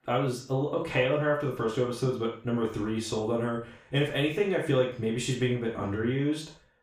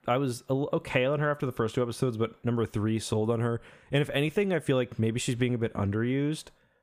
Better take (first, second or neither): second